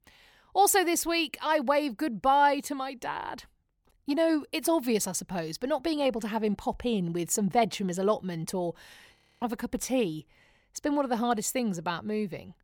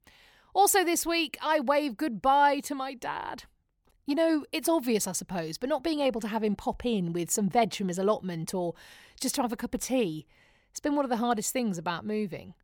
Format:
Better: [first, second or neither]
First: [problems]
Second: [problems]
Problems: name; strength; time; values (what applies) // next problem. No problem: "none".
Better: second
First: audio freezing; at 9 s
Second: none